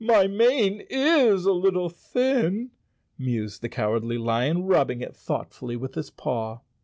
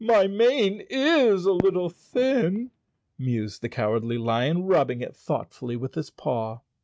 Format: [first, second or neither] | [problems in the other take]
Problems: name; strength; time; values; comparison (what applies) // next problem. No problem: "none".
first | noise reduction (neural mask model RNNoise)